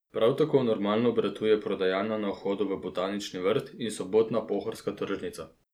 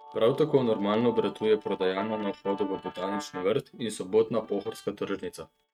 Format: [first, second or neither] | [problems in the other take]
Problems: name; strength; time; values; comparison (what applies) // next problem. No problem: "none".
first | noise reduction (neural mask model RNNoise)